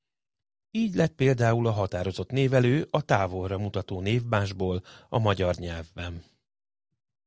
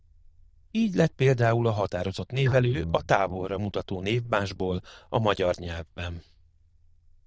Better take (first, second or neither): first